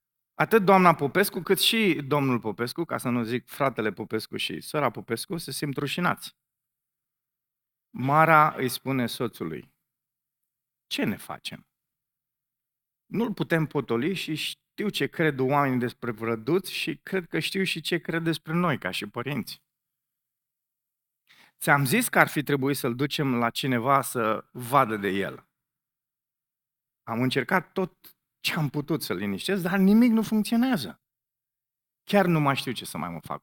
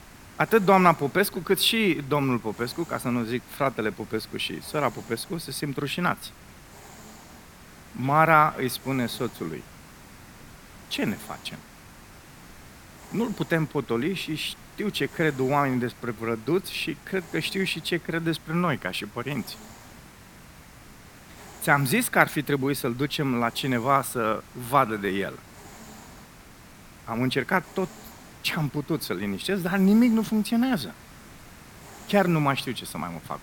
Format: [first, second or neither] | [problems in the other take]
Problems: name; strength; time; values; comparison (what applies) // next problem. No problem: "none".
first | hiss; faint; throughout; 20 dB below the speech